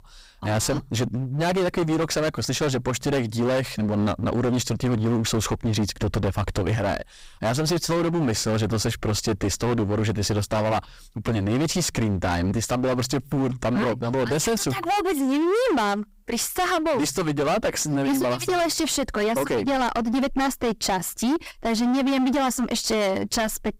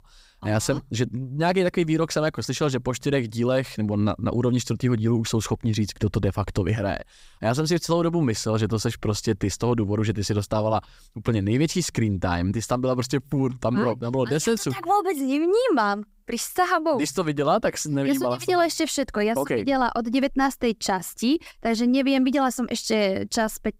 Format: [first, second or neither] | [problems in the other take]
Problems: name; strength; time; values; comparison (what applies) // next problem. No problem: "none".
second | distortion; heavy; 25% of the sound clipped